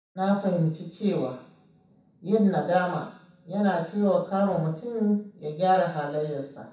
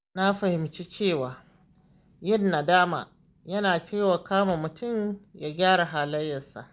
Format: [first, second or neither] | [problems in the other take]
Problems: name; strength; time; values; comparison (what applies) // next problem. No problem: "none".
second | room echo; dies away in 0.7 s